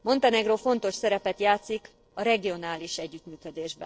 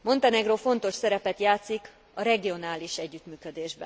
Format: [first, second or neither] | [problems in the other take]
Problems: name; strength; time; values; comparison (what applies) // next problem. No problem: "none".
second | noise reduction (neural separator model SepFormer DNS4)